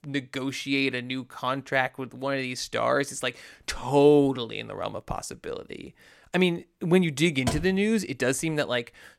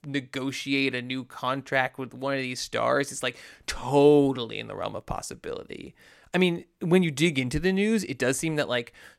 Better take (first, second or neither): second